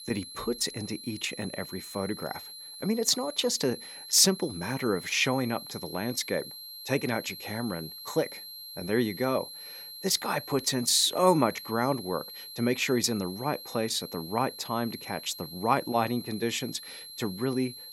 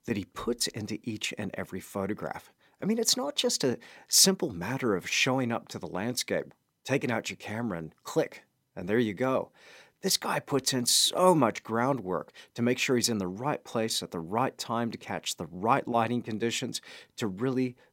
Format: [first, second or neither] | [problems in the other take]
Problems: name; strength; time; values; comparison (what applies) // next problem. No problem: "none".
second | high-pitched whine; noticeable; throughout; 4 kHz, 10 dB below the speech